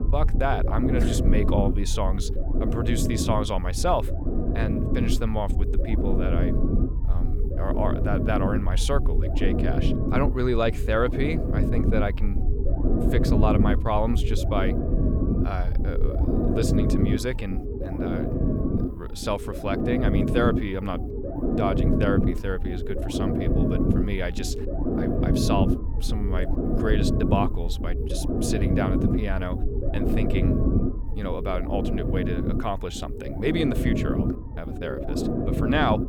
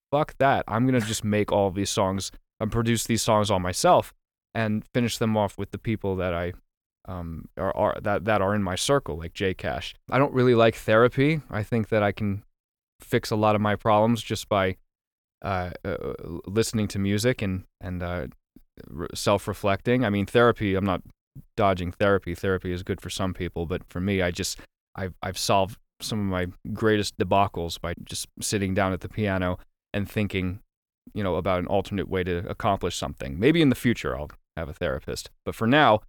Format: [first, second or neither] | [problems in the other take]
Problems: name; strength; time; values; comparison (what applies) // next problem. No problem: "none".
second | low rumble; loud; throughout; 3 dB below the speech